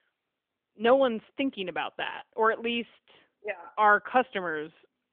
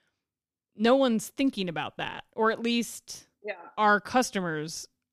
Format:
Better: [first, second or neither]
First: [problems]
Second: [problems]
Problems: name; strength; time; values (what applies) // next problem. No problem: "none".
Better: second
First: phone-call audio; nothing above 3.5 kHz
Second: none